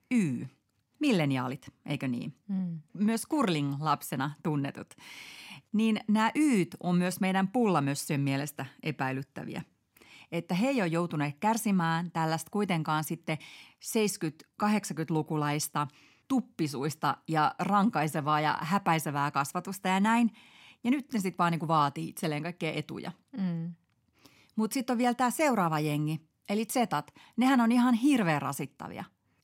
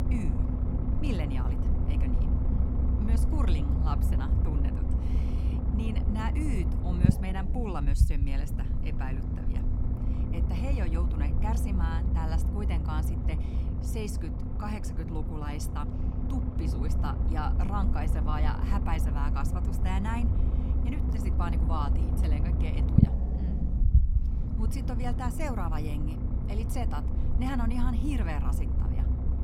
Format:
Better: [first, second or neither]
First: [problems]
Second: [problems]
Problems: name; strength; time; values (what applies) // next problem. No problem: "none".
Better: first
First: none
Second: low rumble; loud; throughout; 3 dB below the speech